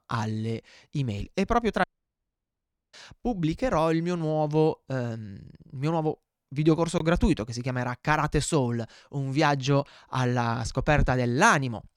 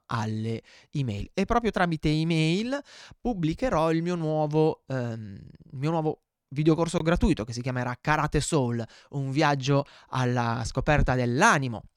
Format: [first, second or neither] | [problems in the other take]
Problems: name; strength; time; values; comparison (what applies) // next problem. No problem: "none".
second | audio cutting out; at 2 s for 1 s